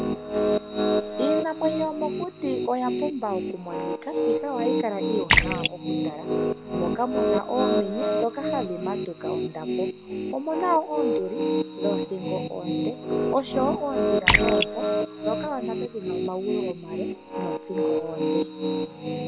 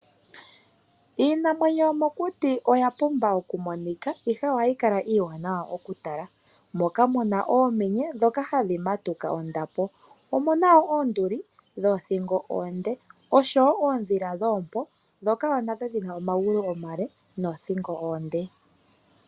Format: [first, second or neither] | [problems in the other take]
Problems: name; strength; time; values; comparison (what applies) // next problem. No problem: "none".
second | background sound (Splash, splatter + Piano); 4 dB above the speech